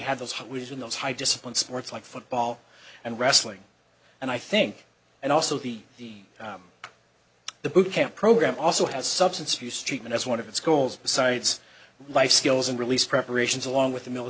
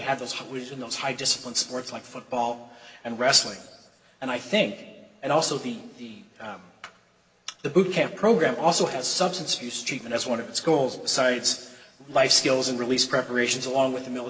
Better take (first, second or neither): first